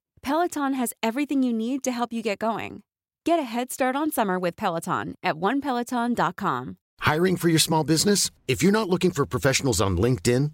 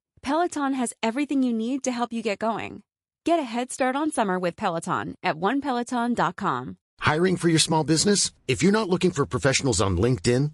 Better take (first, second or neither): first